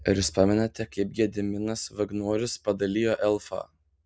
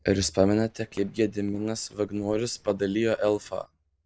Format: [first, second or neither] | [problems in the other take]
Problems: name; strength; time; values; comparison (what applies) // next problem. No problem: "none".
first | noise reduction (neural separator model SepFormer DNS4)